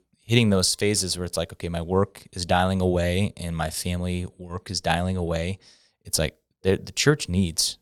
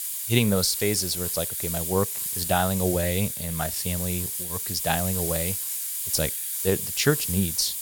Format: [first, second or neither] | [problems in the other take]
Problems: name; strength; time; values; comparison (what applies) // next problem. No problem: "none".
first | hiss; loud; throughout; 1 dB below the speech